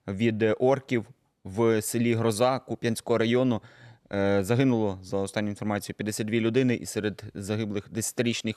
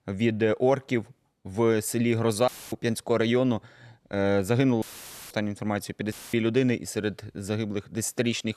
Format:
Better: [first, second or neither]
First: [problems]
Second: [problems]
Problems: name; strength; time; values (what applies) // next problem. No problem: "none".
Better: first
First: none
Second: audio cutting out; filled with static; at 2.5 s, at 5 s and at 6 s